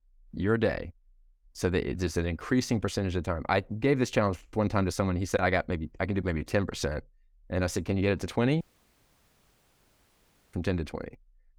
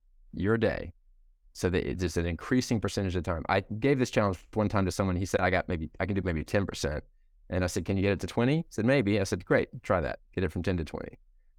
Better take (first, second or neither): second